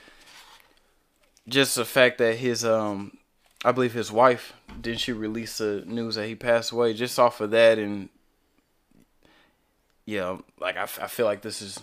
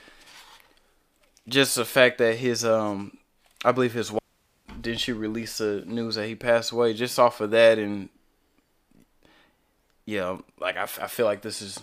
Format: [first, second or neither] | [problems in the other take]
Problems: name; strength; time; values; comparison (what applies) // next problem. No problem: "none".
first | audio cutting out; at 4 s